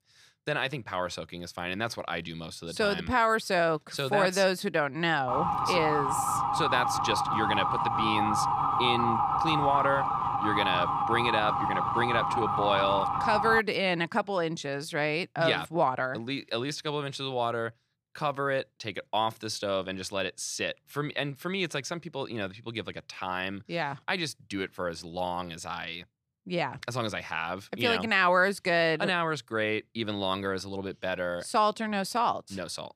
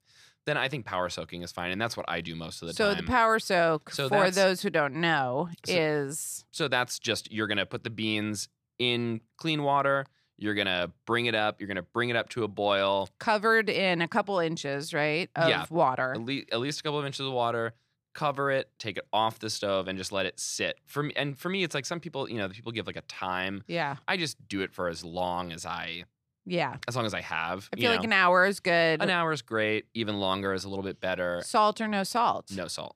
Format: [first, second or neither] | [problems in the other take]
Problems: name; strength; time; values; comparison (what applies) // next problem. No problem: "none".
second | siren; loud; from 5.5 to 14 s; peak 3 dB above the speech